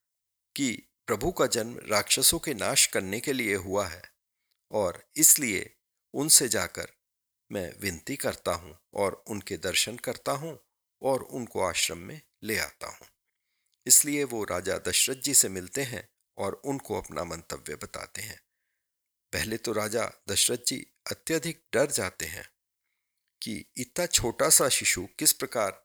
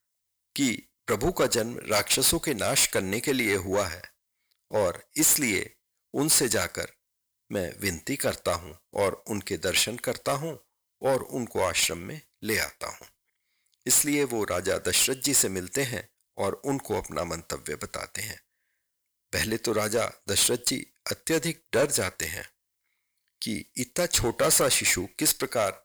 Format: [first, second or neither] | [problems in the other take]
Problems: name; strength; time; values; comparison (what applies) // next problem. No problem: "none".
first | distortion; heavy; 4% of the sound clipped